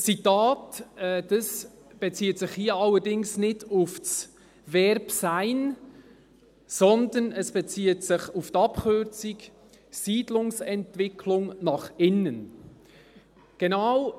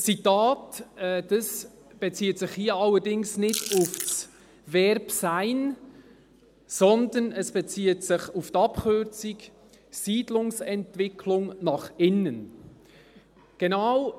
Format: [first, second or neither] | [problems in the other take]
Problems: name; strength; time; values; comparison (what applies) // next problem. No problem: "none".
first | background sound (Chewing, mastication / Crushing); 8 dB below the speech